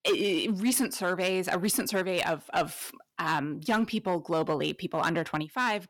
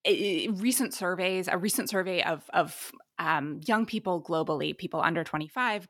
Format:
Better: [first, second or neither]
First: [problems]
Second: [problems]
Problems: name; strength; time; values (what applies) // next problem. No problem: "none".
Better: second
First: distortion; slight; 5% of the sound clipped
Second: none